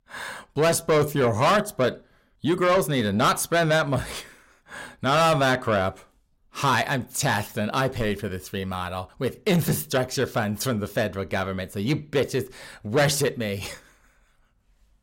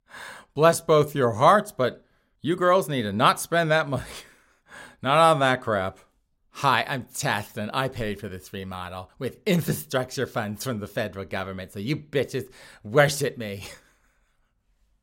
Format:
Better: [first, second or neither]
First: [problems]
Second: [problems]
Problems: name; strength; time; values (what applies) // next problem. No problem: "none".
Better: second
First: distortion; heavy; 7 dB below the speech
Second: none